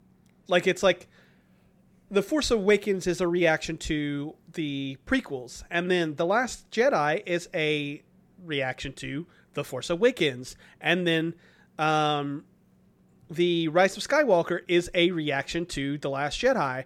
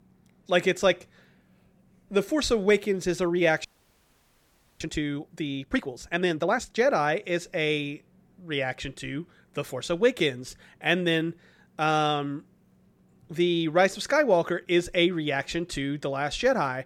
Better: first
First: none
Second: audio freezing; at 3.5 s for 1 s

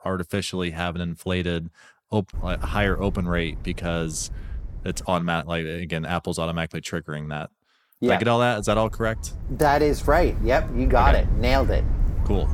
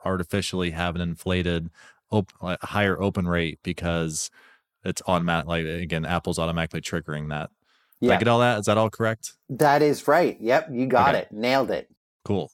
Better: second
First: wind noise on the microphone; occasional gusts; from 2.5 to 5 s and from 8.5 s on; 20 dB below the speech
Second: none

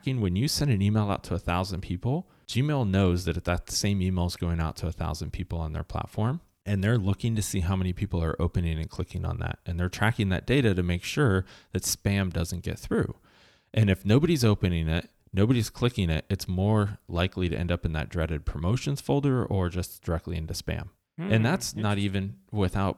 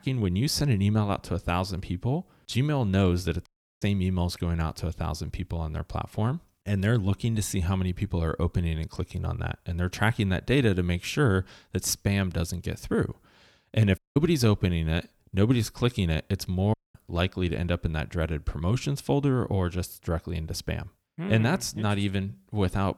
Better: first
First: none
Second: audio cutting out; at 3.5 s, at 14 s and at 17 s

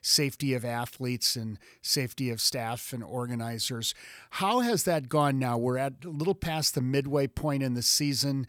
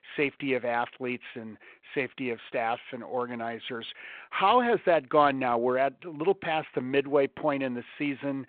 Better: first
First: none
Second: phone-call audio

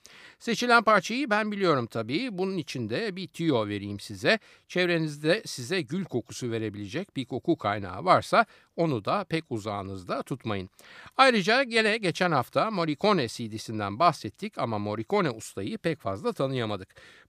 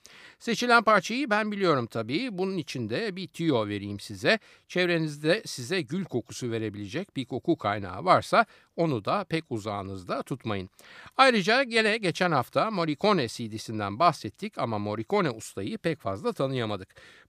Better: neither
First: none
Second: none

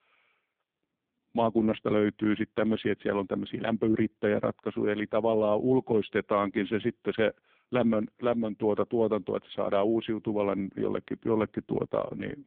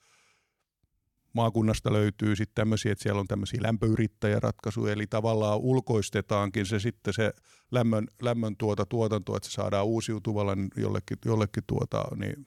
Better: second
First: phone-call audio; poor line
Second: none

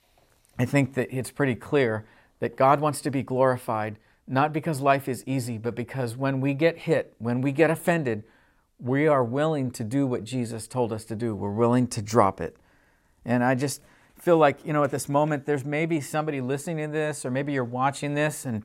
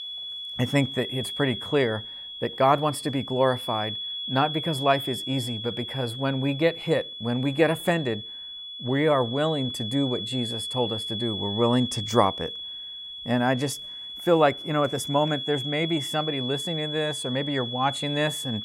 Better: first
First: none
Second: high-pitched whine; loud; throughout; 3.5 kHz, 6 dB below the speech

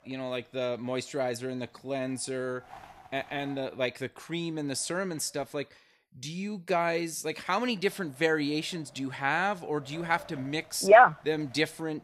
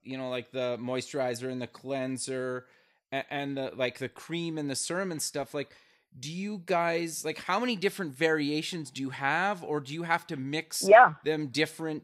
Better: second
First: wind noise on the microphone; occasional gusts; until 5.5 s and from 7.5 s on; 25 dB below the speech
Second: none

